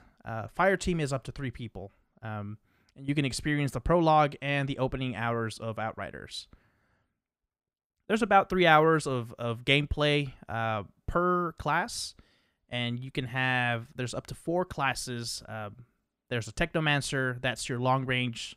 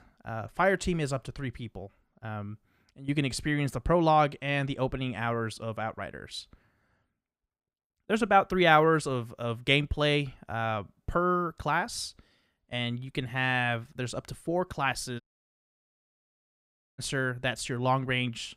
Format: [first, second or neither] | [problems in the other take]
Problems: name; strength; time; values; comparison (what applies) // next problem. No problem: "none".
first | audio cutting out; at 15 s for 2 s